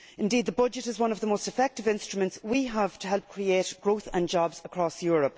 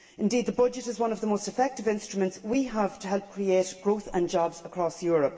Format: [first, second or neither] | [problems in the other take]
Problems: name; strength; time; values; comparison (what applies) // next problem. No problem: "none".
first | room echo; dies away in 2.4 s